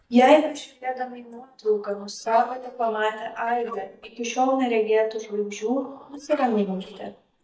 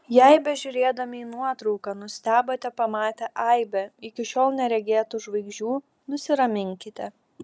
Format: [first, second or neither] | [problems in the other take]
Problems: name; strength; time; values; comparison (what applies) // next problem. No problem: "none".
second | noise reduction (neural mask model DeepFilterNet 3)